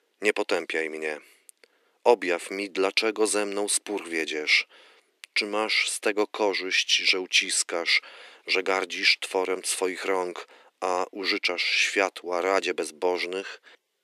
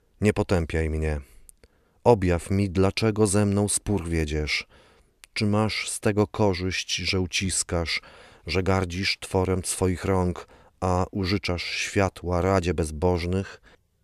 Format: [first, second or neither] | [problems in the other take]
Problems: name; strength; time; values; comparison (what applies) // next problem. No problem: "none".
second | thin; very; fading below 300 Hz